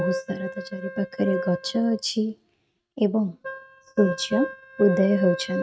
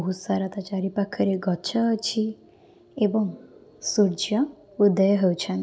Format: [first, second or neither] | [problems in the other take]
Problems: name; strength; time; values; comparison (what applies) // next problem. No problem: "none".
second | noise reduction (neural mask model RNNoise)